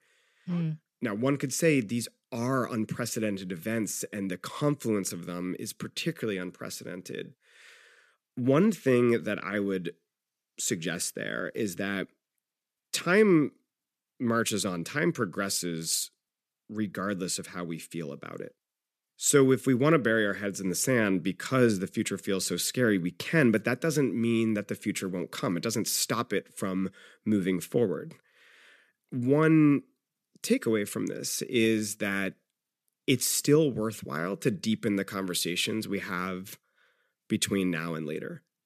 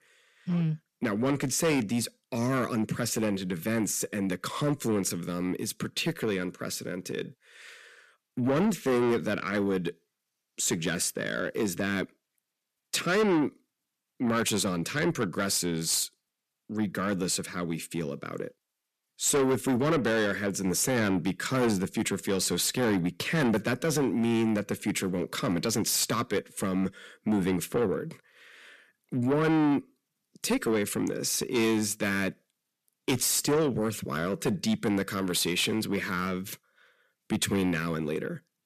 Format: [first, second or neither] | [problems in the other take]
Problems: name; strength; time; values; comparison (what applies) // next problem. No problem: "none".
first | distortion; heavy; 7 dB below the speech